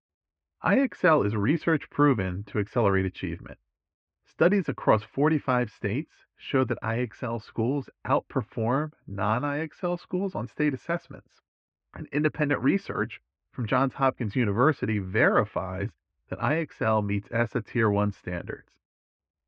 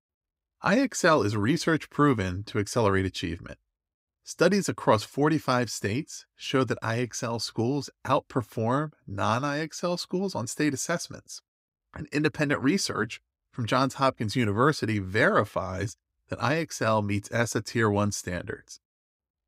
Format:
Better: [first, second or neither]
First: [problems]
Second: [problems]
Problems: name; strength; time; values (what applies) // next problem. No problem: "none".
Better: second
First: muffled; very; fading above 2.5 kHz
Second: none